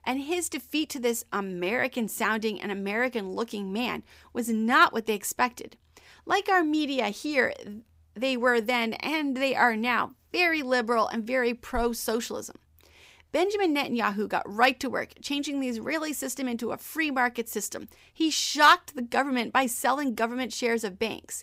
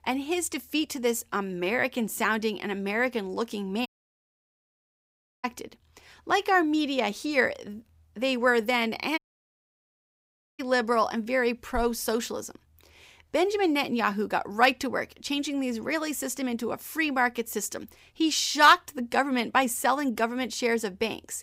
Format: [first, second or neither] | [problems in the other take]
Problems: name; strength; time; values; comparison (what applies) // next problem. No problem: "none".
first | audio cutting out; at 4 s for 1.5 s and at 9 s for 1.5 s